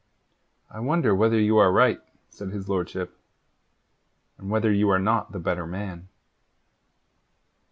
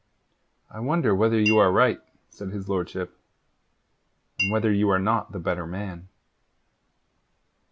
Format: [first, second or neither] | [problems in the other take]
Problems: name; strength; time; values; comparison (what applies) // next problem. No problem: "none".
first | background sound (Chink, clink); 7 dB below the speech